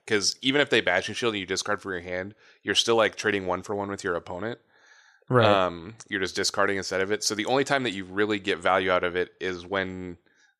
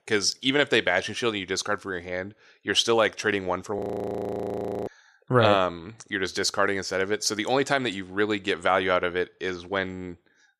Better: first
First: none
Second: audio freezing; at 4 s for 1 s

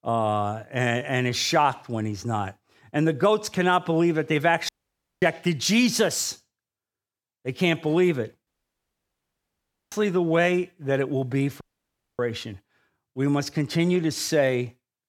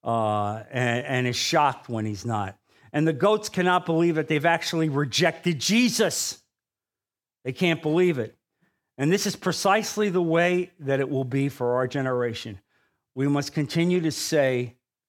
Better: second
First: audio cutting out; at 4.5 s for 0.5 s, at 8.5 s for 1.5 s and at 12 s for 0.5 s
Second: none

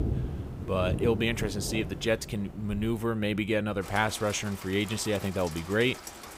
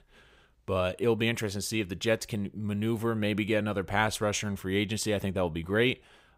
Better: second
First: rain or running water; loud; throughout; 9 dB below the speech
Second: none

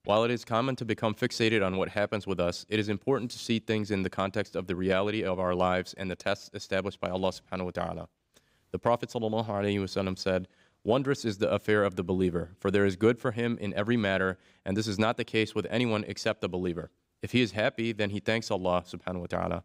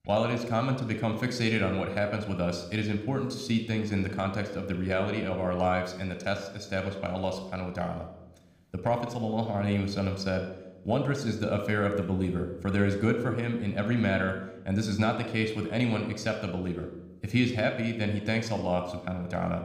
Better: first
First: none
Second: room echo; slight; dies away in 0.8 s

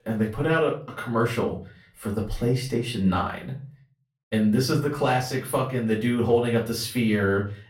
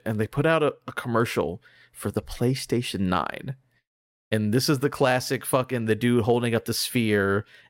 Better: second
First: off-mic speech; far // room echo; slight; dies away in 0.3 s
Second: none

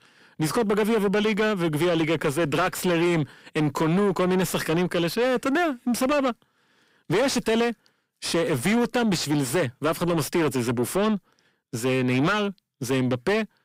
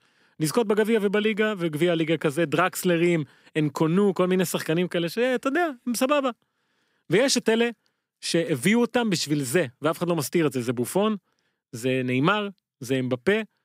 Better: second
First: distortion; heavy; 8 dB below the speech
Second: none

